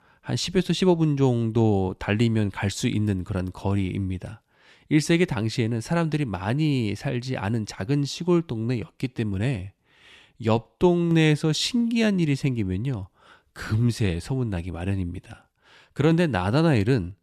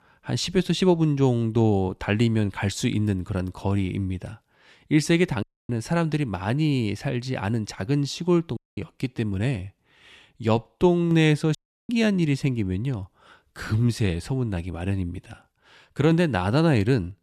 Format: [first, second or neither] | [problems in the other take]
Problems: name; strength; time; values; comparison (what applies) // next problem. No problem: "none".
first | audio cutting out; at 5.5 s, at 8.5 s and at 12 s